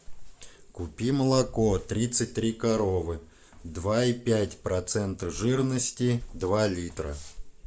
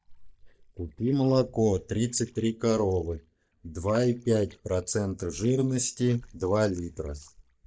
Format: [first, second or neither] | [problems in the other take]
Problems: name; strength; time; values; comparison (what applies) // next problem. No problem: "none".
first | noise reduction (neural mask model DeepFilterNet 3)